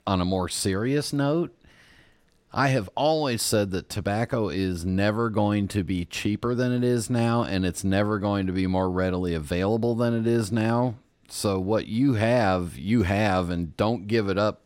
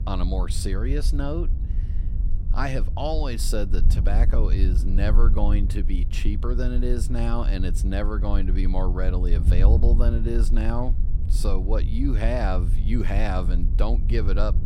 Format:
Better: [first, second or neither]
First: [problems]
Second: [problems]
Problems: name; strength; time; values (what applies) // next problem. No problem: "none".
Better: first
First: none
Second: wind noise on the microphone; occasional gusts; 10 dB below the speech